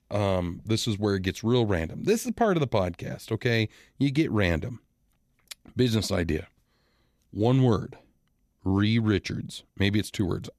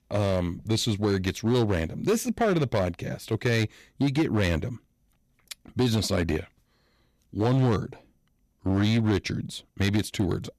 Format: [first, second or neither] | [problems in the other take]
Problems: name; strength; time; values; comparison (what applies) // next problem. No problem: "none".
first | distortion; slight; 6% of the sound clipped